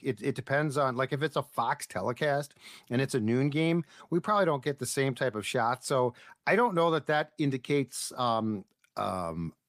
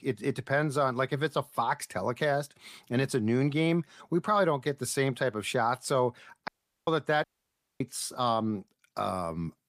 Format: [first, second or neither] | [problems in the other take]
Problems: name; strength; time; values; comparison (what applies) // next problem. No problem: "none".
first | audio cutting out; at 6.5 s and at 7 s for 0.5 s